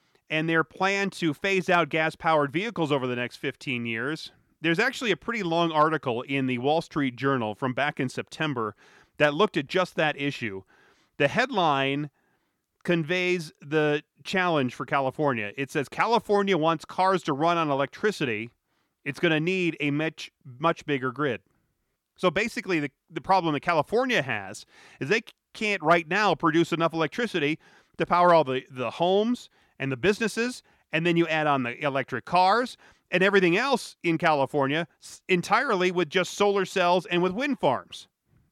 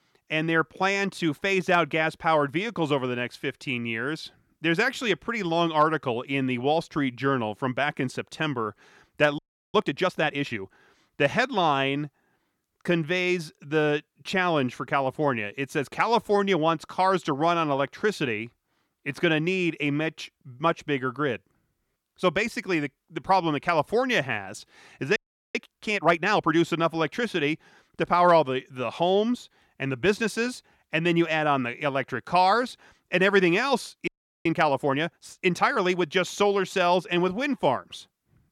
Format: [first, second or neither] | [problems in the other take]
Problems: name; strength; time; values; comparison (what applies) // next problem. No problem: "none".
first | audio freezing; at 9.5 s, at 25 s and at 34 s